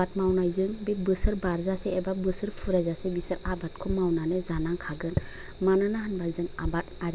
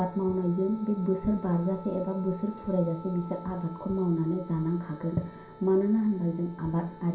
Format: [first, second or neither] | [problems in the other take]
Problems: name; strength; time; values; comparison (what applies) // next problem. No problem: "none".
first | background sound (Wind instrument, woodwind instrument); 19 dB below the speech // room echo; dies away in 0.5 s